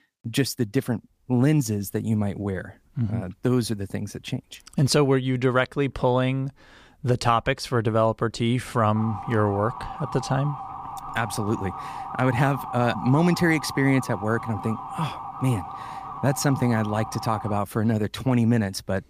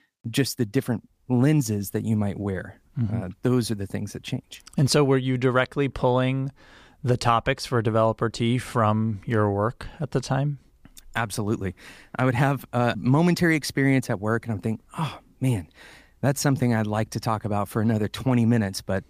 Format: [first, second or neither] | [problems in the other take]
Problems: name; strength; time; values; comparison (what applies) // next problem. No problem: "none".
second | siren; noticeable; from 9 to 18 s; peak 9 dB below the speech